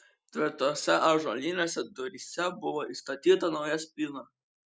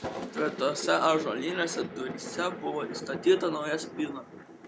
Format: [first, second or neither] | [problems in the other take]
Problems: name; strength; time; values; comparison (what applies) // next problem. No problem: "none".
first | background sound (Thunder); 9 dB below the speech